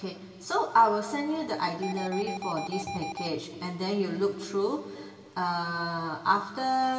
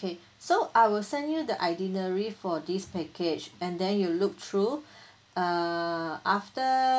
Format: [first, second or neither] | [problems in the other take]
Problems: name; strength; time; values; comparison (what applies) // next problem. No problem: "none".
second | background sound (Alarm); 7 dB below the speech // room echo; dies away in 2.3 s